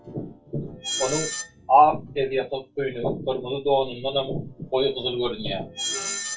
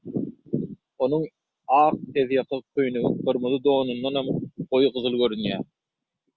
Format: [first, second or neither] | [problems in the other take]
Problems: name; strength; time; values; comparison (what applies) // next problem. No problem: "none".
second | background sound (Screech); 10 dB below the speech // room echo; dies away in 0.2 s